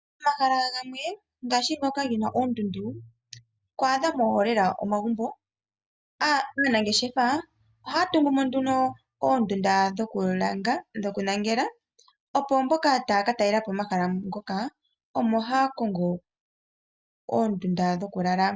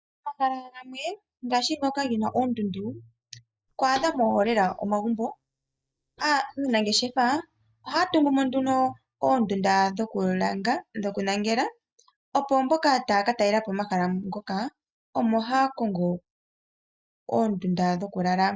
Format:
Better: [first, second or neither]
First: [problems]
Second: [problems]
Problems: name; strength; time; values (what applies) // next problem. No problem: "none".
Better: first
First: none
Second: noise reduction (neural mask model DeepFilterNet 3)